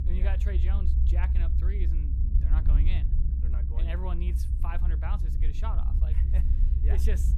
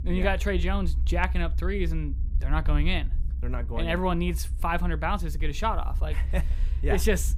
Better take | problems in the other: second | low rumble; loud; throughout; 3 dB below the speech; faint in the second

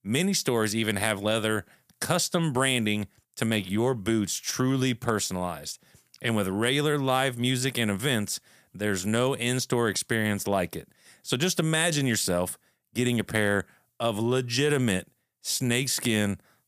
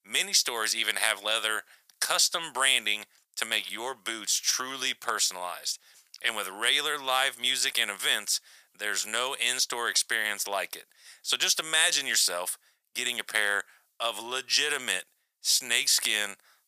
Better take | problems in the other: first | thin; very; fading below 950 Hz

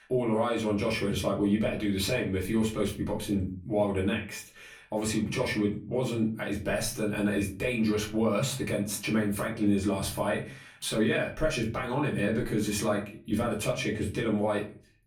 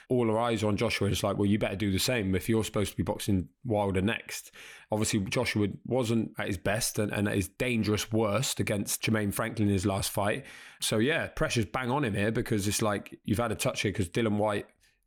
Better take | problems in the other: second | off-mic speech; far // room echo; very slight; dies away in 0.3 s

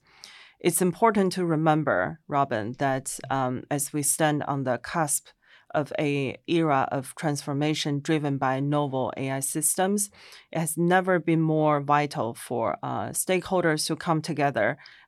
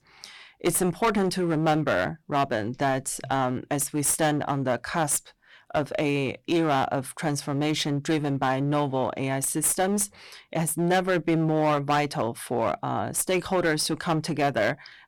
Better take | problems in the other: first | distortion; slight; 10% of the sound clipped

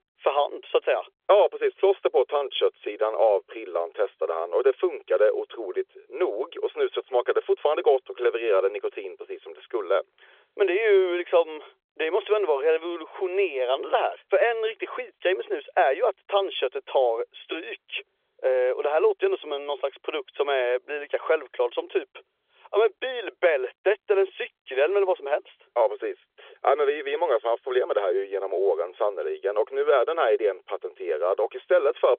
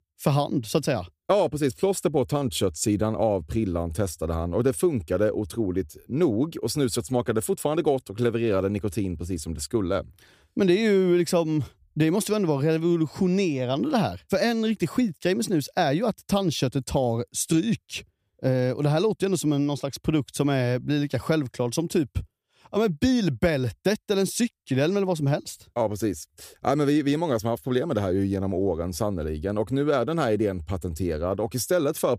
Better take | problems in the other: second | phone-call audio; nothing above 3.5 kHz

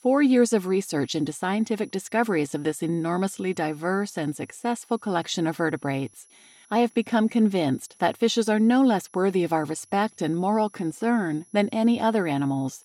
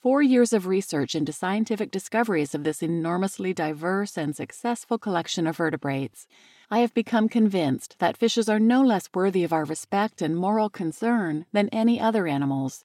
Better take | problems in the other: second | high-pitched whine; faint; throughout; 11 kHz, 30 dB below the speech

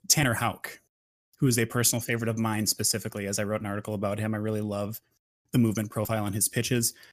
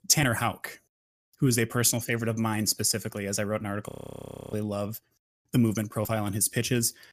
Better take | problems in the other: first | audio freezing; at 4 s for 0.5 s

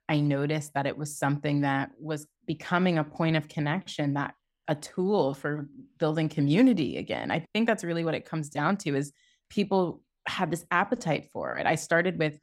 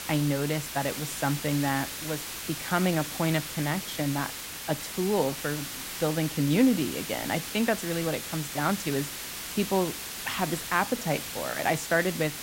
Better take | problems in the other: first | hiss; loud; throughout; 6 dB below the speech

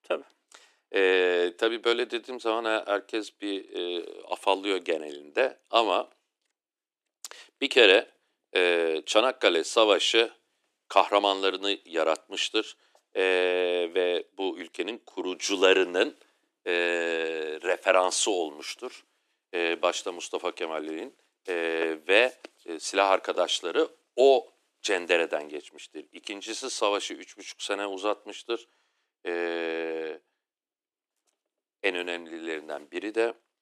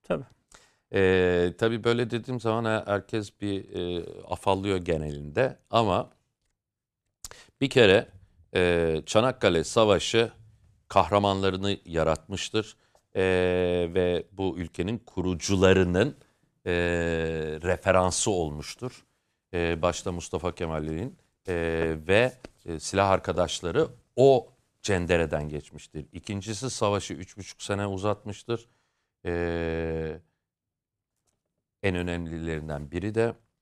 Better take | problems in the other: second | thin; somewhat; fading below 300 Hz

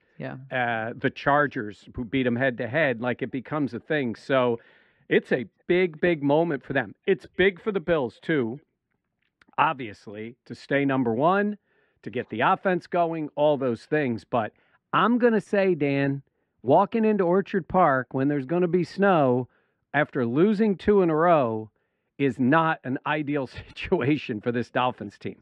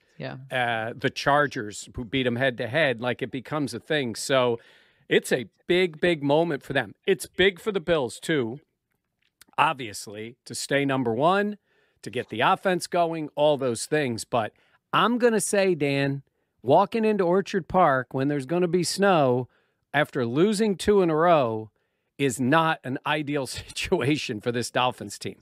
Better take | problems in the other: second | muffled; very; fading above 2 kHz

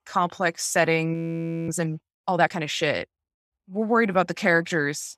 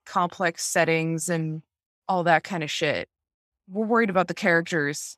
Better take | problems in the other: second | audio freezing; at 1 s for 0.5 s

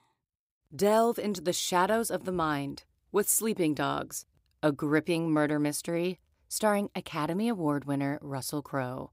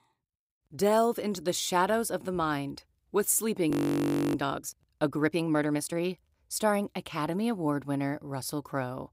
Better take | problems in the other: first | audio freezing; at 3.5 s for 0.5 s

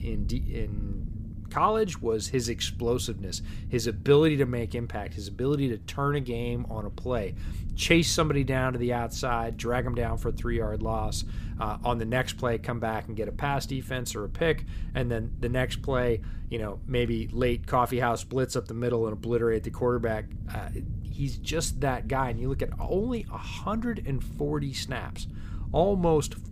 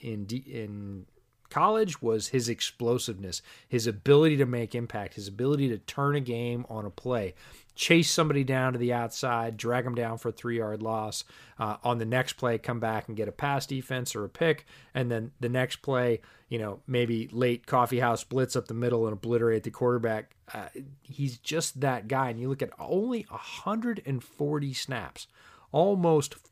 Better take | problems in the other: second | low rumble; faint; throughout; 20 dB below the speech

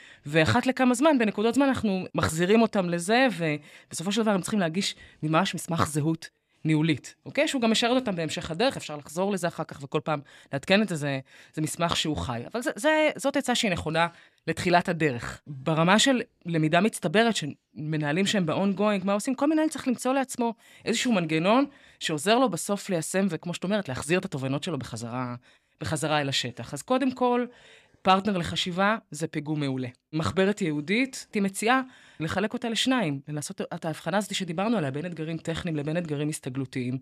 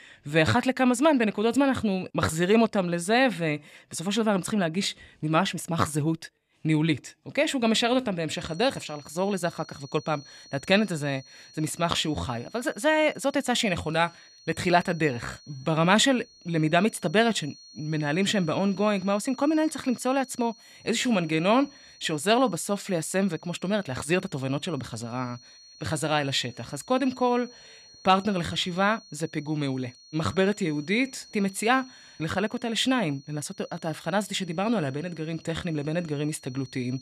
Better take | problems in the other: first | high-pitched whine; faint; from 8.5 s on; 4.5 kHz, 25 dB below the speech

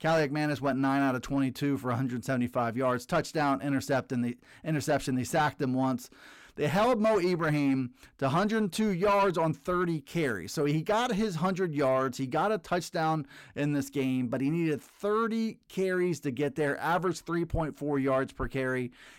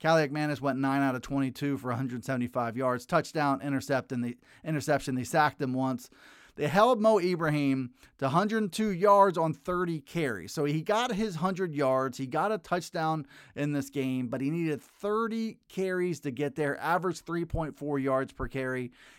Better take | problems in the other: second | distortion; slight; 10 dB below the speech

